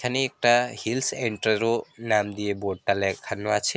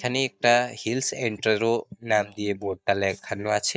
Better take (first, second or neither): first